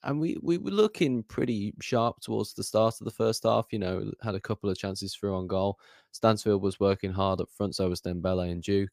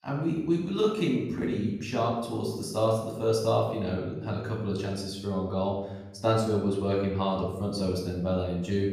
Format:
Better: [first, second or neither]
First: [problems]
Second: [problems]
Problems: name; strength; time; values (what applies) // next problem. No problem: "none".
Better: first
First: none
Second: off-mic speech; far // room echo; noticeable; dies away in 0.8 s